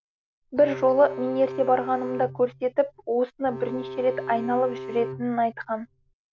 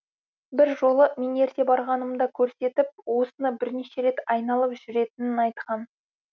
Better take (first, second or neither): second